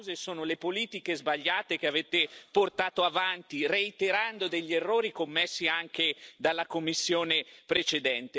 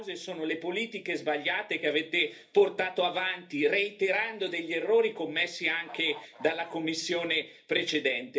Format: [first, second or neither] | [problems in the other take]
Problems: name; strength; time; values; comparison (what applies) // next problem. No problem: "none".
first | background sound (Bird / Fowl); 19 dB below the speech // room echo; dies away in 0.3 s